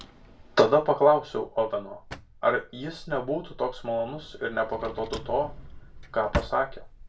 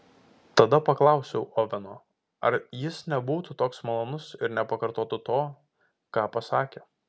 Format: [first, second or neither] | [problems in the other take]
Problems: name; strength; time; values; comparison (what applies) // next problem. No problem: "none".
second | background sound (Drawer open or close); 13 dB below the speech // room echo; dies away in 0.2 s